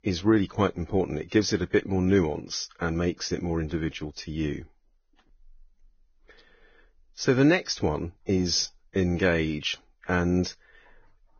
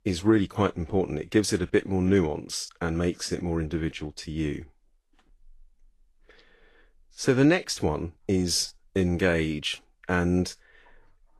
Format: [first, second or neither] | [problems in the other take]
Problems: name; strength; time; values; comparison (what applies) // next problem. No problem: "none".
second | garbled, watery; badly; nothing above 6.5 kHz; slightly in the second